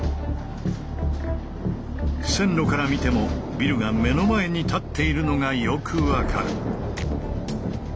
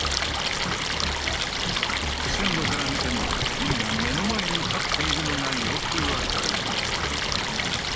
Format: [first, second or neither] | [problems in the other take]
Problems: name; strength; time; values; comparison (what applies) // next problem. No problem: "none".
first | background sound (Stream); 4 dB above the speech